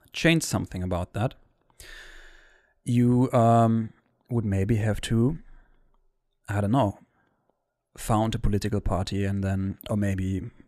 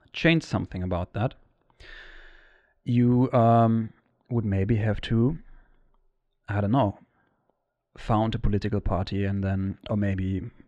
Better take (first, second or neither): first